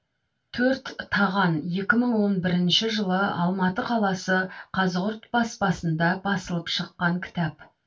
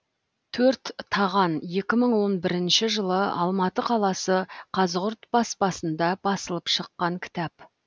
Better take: second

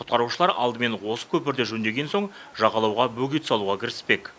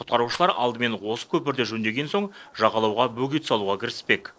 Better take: first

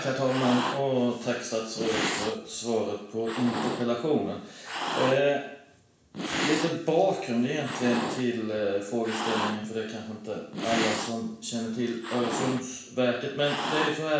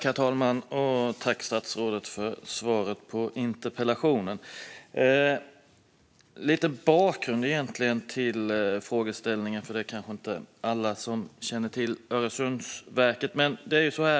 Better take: second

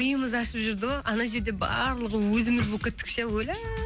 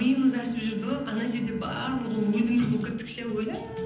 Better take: first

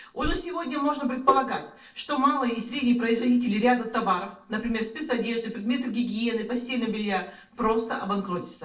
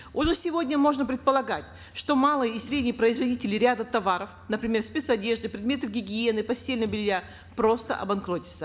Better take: second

